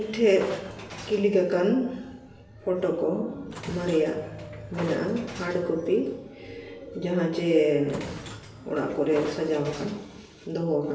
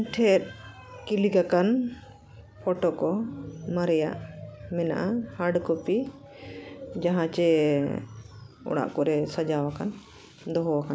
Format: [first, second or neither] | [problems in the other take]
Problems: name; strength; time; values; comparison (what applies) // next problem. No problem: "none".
second | background sound (Train); 16 dB below the speech // room echo; dies away in 1 s